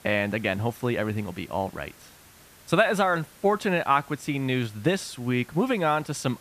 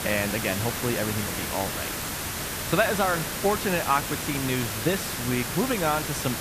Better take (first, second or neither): first